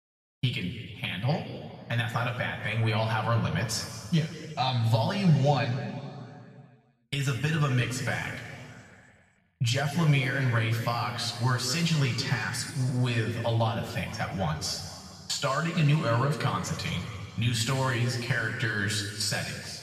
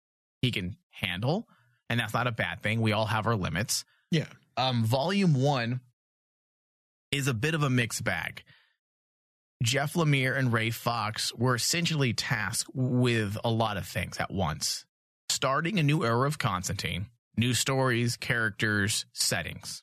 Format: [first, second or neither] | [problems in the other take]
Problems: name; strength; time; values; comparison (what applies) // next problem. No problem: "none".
second | room echo; noticeable; dies away in 2.3 s // off-mic speech; far